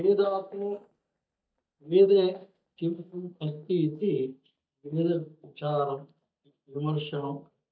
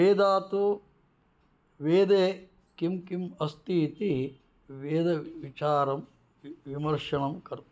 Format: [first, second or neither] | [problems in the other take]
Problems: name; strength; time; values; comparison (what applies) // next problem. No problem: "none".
second | noise reduction (neural mask model DeepFilterNet 3)